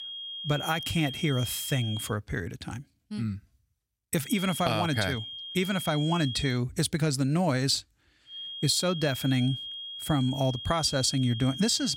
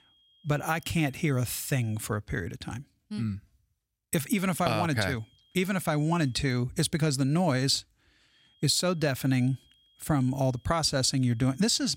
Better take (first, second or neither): second